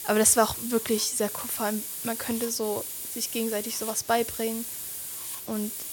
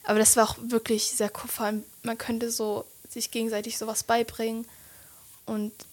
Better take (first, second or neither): second